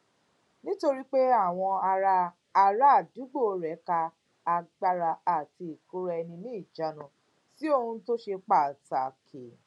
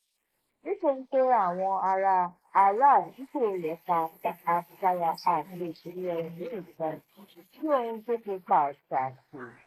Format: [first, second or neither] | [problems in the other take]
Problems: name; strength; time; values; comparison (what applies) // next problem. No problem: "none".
first | noise reduction (neural mask model Resemble Enhance denoiser)